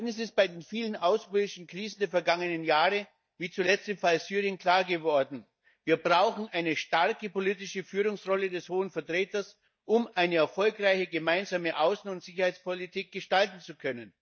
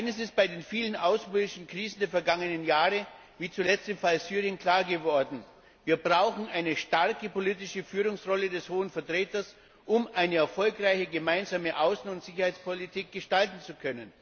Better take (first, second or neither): second